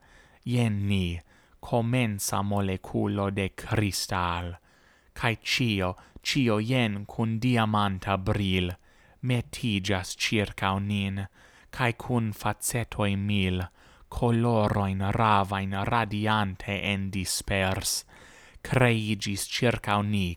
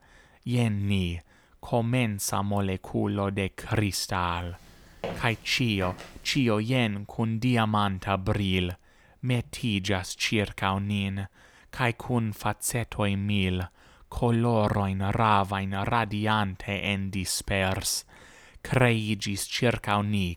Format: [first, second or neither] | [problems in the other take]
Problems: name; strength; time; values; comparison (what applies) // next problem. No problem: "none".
first | footsteps; noticeable; from 4.5 to 6.5 s; peak 9 dB below the speech